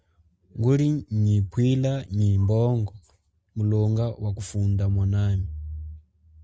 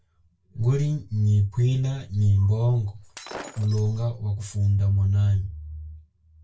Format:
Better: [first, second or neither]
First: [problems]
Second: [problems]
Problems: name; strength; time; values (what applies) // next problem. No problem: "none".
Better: first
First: none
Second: background sound (Shatter); 18 dB below the speech // room echo; dies away in 0.2 s